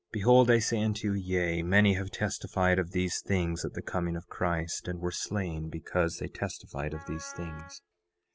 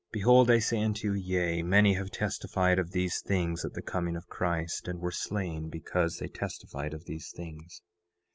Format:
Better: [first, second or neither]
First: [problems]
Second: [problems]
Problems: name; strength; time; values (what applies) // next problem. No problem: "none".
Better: second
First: background sound (Wind instrument, woodwind instrument); 19 dB below the speech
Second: none